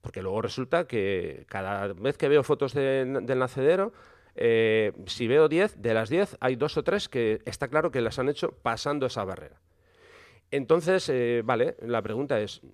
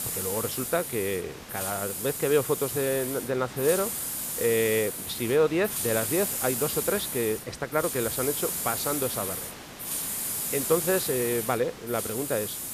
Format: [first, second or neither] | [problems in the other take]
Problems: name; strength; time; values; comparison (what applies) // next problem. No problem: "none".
first | hiss; loud; throughout; 2 dB below the speech